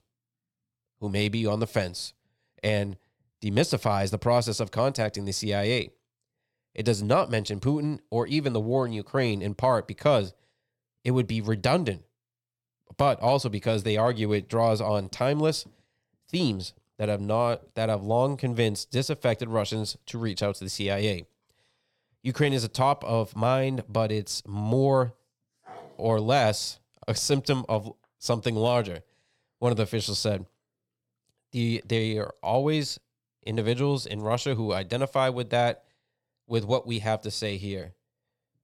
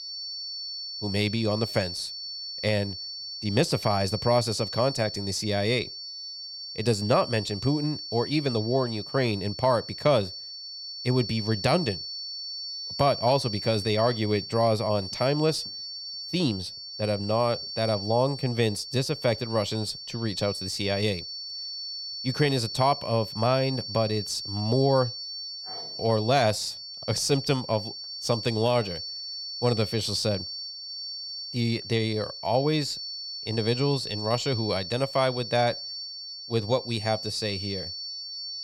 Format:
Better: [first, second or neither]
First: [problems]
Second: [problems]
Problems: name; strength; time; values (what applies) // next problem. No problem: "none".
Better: first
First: none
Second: high-pitched whine; loud; throughout; 4.5 kHz, 7 dB below the speech